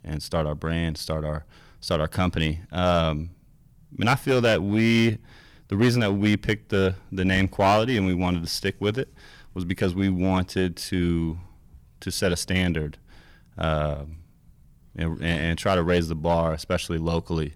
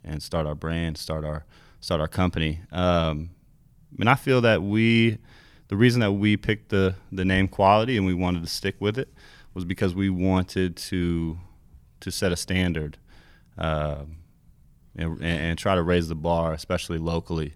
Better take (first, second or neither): second